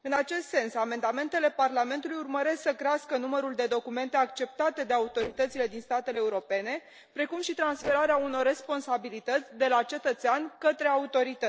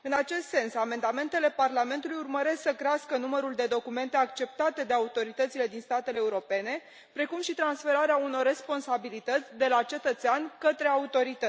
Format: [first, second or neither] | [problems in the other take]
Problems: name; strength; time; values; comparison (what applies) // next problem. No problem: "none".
second | noise reduction (neural separator model SepFormer DNS4)